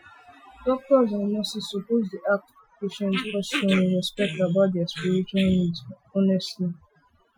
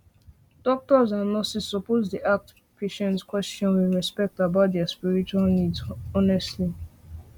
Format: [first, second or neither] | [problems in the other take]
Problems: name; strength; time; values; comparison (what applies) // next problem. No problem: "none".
second | noise reduction (classical method Wiener filter)